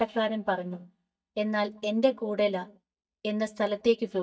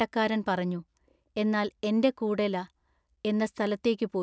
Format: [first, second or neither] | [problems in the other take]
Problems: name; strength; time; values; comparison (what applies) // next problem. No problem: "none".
second | noise reduction (neural mask model DeepFilterNet 3)